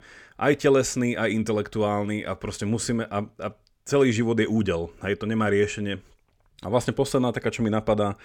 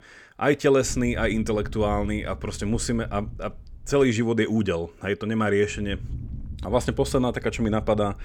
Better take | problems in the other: first | low rumble; faint; from 1 to 4 s and from 5.5 s on; 25 dB below the speech

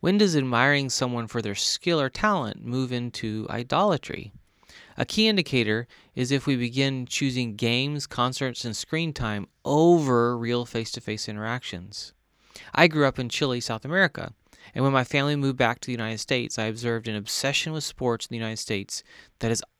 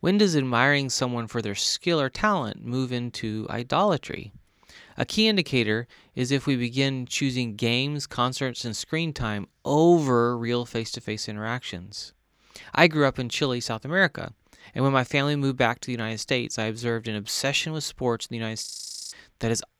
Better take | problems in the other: first | audio freezing; at 19 s

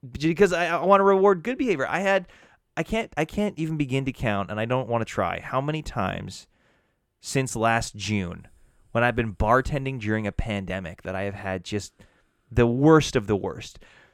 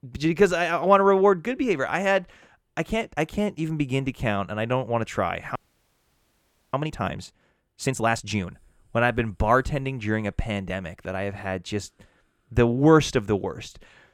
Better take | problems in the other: first | audio freezing; at 5.5 s for 1 s

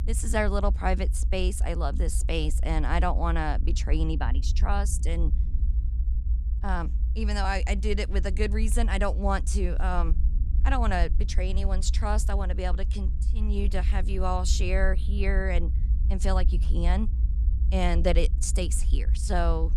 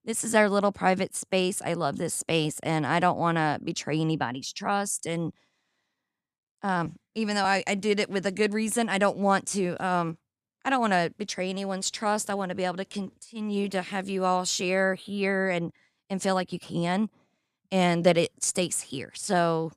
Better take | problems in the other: second | low rumble; noticeable; throughout; 15 dB below the speech

